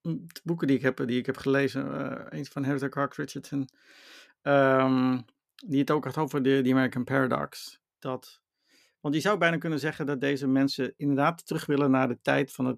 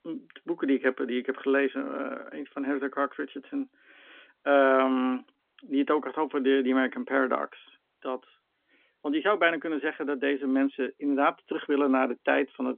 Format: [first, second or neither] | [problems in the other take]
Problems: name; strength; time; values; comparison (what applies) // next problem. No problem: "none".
first | phone-call audio; nothing above 3.5 kHz